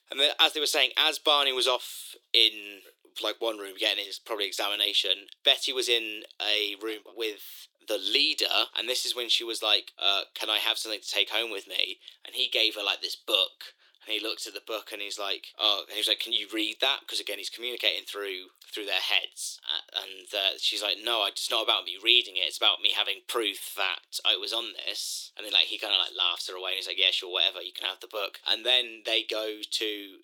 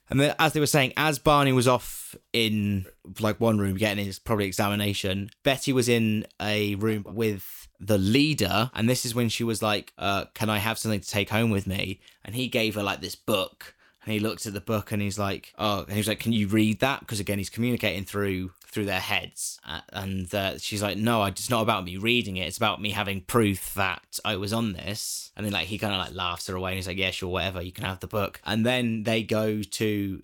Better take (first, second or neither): second